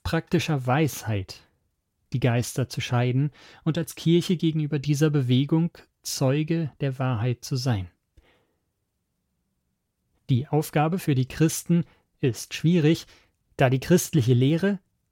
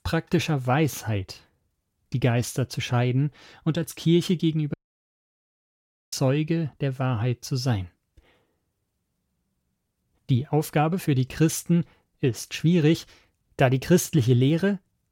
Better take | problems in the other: first | audio cutting out; at 4.5 s for 1.5 s

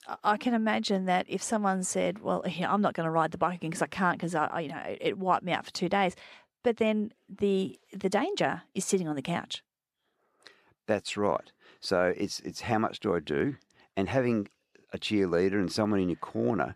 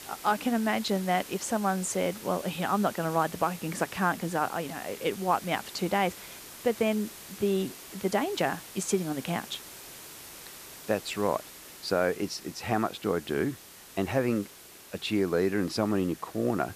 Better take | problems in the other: first | hiss; noticeable; throughout; 15 dB below the speech

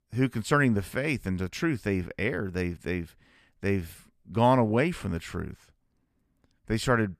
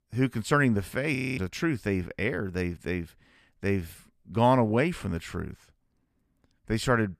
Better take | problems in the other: first | audio freezing; at 1 s

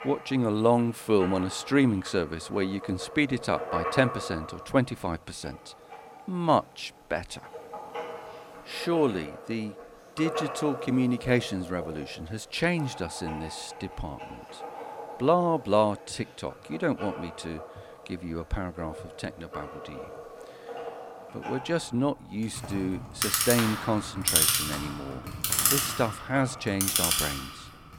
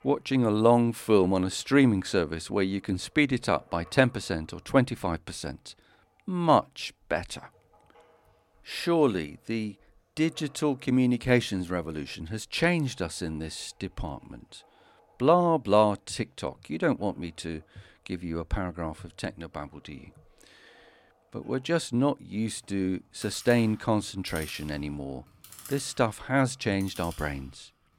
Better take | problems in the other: second | household noises; loud; throughout; 2 dB below the speech; faint in the second

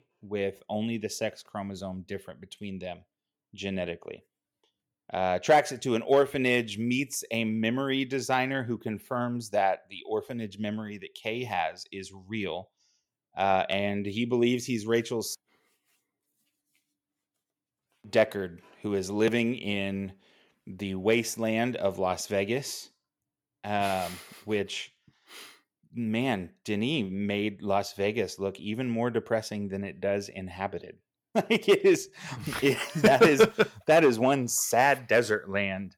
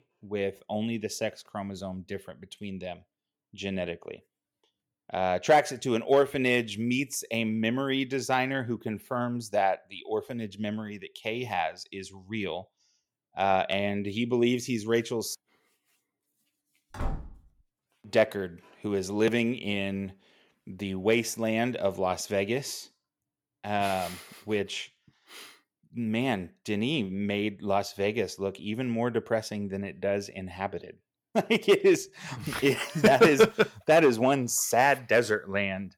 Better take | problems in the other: first | door banging; noticeable; at 17 s; peak 9 dB below the speech

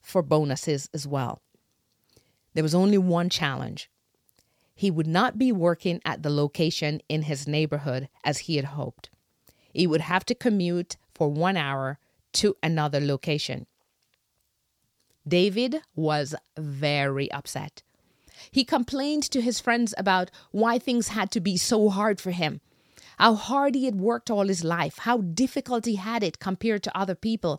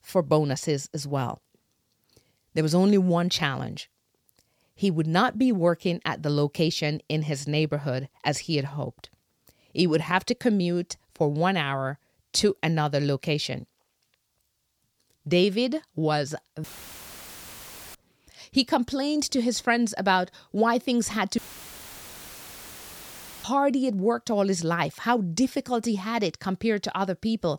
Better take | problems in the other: first | audio cutting out; filled with static; at 17 s for 1.5 s and at 21 s for 2 s

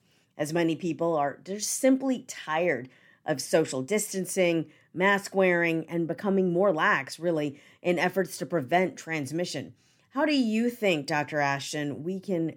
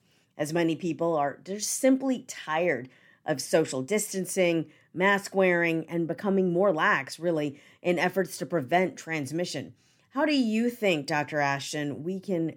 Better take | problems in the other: neither | none

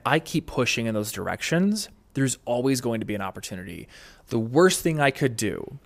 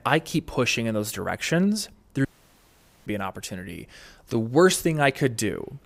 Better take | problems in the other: first | audio cutting out; at 2.5 s for 1 s

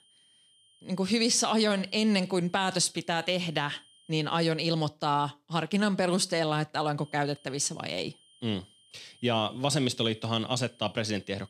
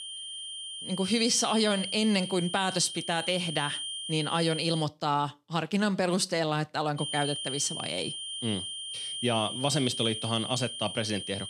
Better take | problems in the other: first | high-pitched whine; loud; until 5 s and from 7 s on; 3 kHz, 6 dB below the speech; faint in the first

